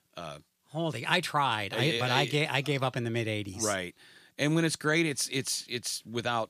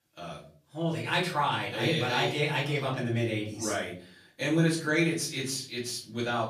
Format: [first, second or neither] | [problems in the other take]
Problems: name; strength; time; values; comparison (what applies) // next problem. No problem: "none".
first | off-mic speech; far // room echo; slight; dies away in 0.4 s